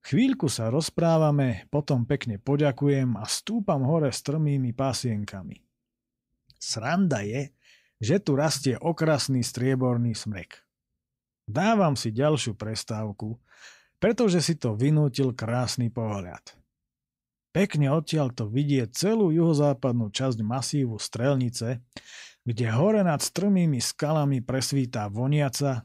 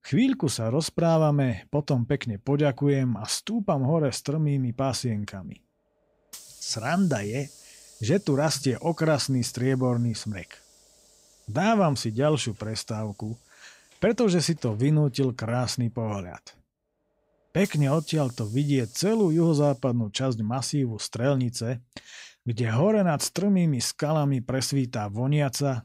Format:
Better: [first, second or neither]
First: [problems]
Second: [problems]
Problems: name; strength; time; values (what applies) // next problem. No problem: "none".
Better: first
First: none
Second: hiss; faint; from 4.5 to 20 s; 25 dB below the speech